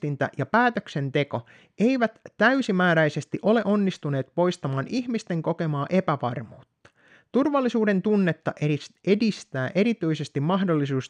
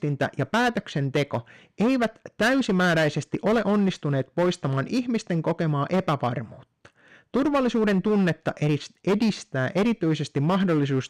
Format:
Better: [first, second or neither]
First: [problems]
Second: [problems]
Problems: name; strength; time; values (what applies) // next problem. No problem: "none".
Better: first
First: none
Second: distortion; slight; 10% of the sound clipped